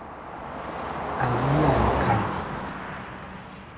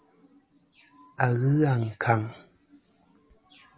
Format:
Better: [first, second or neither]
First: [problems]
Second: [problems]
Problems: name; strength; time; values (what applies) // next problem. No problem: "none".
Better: second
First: background sound (Car passing by); 2 dB above the speech // room echo; dies away in 1 s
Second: none